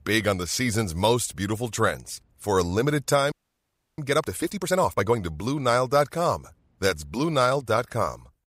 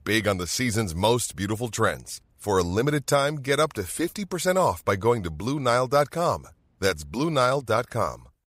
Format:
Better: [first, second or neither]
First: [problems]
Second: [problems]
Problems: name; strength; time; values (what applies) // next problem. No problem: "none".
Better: second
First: audio freezing; at 3.5 s for 0.5 s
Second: none